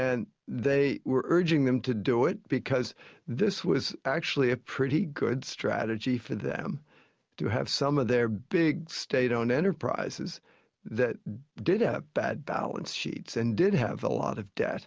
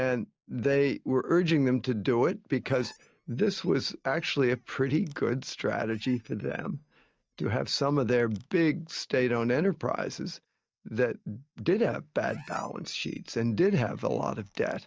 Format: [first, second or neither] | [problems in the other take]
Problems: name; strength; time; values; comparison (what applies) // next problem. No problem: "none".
first | noise reduction (neural mask model DeepFilterNet 3)